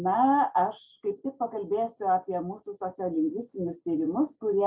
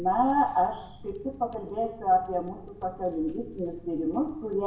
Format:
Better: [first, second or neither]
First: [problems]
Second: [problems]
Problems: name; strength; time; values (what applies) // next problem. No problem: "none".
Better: first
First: none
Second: background sound (Typing); 18 dB below the speech // room echo; dies away in 0.7 s